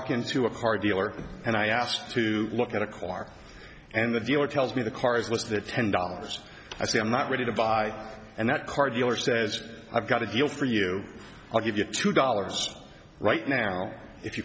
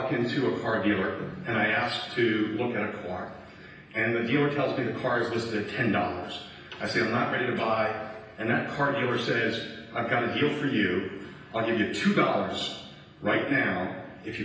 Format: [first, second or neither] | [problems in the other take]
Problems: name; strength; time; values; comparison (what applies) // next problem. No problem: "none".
first | room echo; dies away in 0.9 s